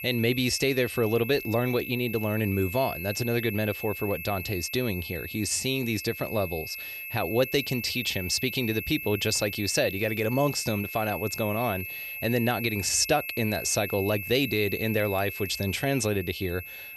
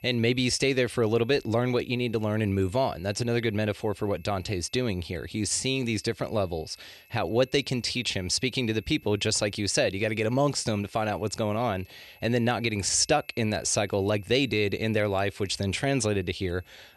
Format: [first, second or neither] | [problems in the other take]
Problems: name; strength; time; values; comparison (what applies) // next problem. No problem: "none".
second | high-pitched whine; loud; throughout; 2.5 kHz, 8 dB below the speech; faint in the second